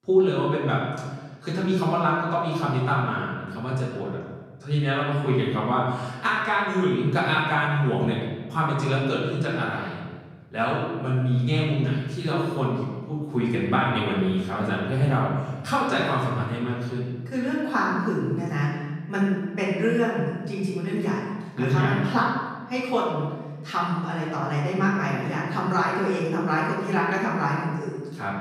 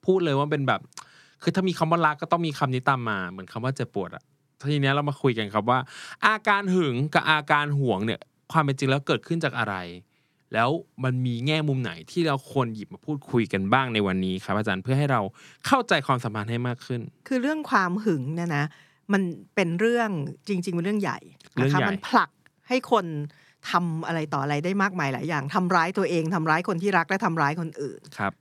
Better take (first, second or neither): second